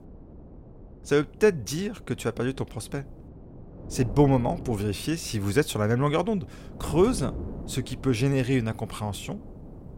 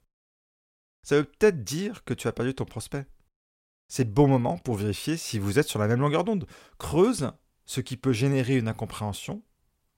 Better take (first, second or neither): second